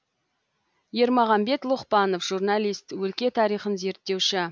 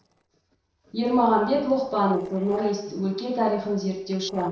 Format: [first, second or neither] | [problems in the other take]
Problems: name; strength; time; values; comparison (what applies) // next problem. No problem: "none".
first | noise reduction (neural separator model SepFormer DNS4)